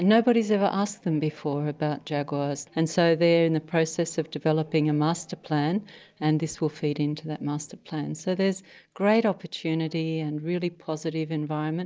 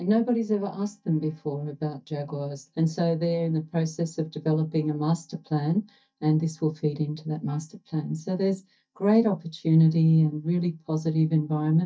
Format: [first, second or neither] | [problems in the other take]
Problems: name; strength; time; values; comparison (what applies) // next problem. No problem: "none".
first | noise reduction (neural mask model DeepFilterNet 3)